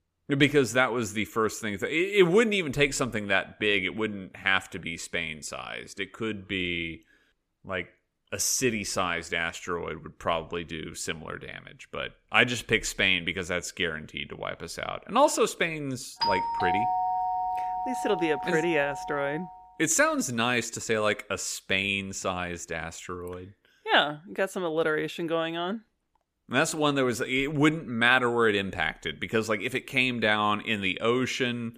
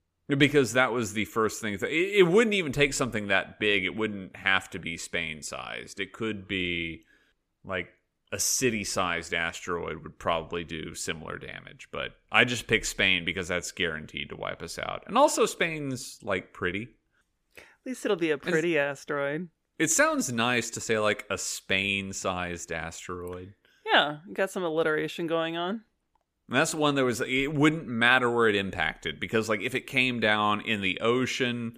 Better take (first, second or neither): second